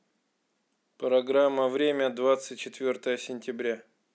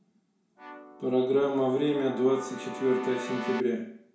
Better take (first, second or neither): first